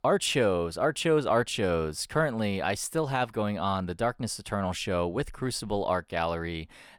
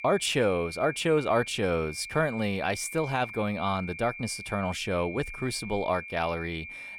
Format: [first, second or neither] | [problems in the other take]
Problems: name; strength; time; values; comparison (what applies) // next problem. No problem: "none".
first | high-pitched whine; noticeable; throughout; 2.5 kHz, 10 dB below the speech